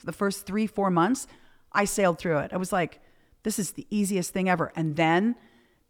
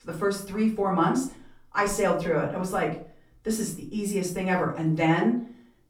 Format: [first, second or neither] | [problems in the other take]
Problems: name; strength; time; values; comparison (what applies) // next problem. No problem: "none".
first | room echo; slight; dies away in 0.4 s // off-mic speech; far